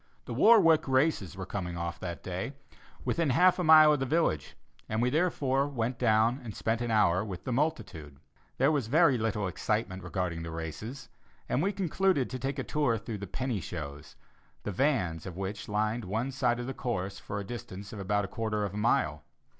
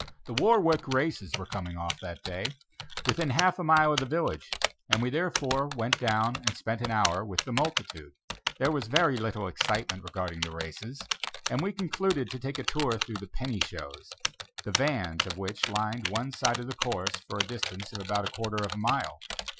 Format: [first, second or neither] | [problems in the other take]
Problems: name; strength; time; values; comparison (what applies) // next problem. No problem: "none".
first | noise reduction (classical method Wiener filter)